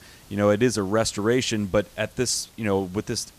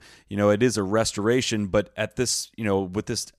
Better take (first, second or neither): second